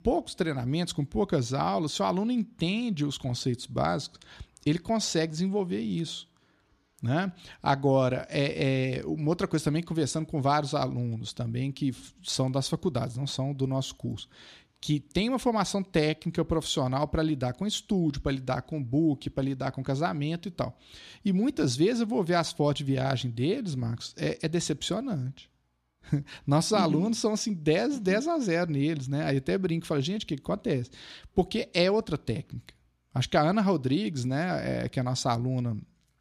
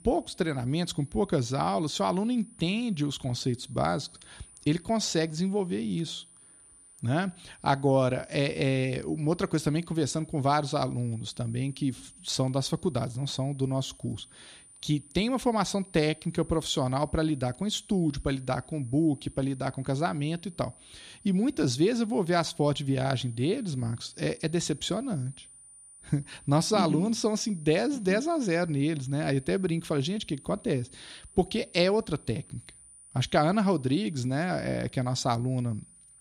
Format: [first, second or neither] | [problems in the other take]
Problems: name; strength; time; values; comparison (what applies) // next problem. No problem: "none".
first | high-pitched whine; faint; throughout; 9.5 kHz, 20 dB below the speech